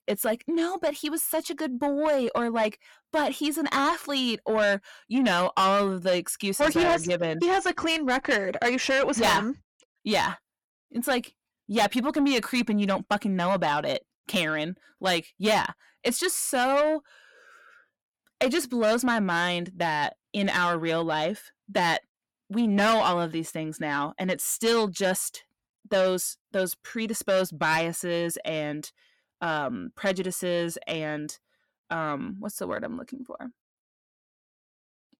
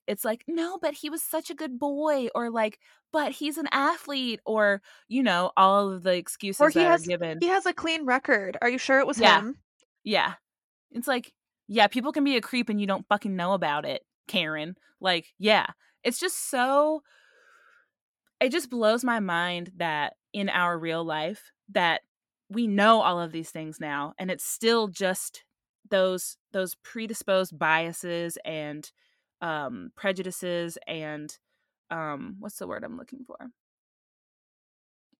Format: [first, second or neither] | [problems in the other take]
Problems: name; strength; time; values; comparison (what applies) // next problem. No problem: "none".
second | distortion; heavy; 8 dB below the speech